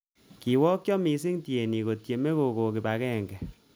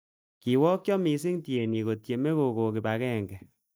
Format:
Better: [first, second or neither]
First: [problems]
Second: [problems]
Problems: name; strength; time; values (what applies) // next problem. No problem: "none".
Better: first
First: none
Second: noise reduction (neural mask model DeepFilterNet 3)